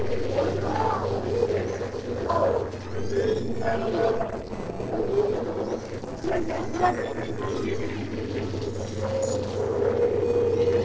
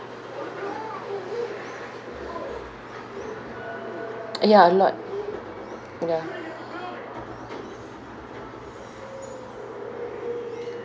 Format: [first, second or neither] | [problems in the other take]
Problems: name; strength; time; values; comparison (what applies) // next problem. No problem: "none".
second | noise reduction (neural separator model SepFormer DNS4)